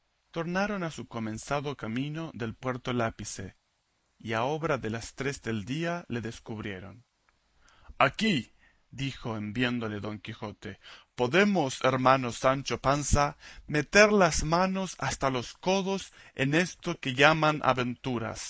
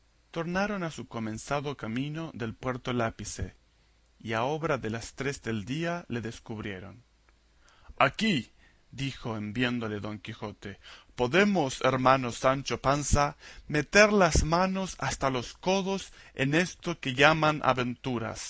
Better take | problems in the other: second | noise reduction (neural mask model Resemble Enhance denoiser)

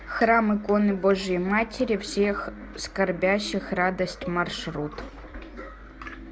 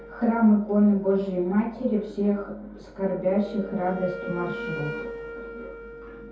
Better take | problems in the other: first | background sound (Wind instrument, woodwind instrument); 14 dB below the speech // room echo; dies away in 0.6 s

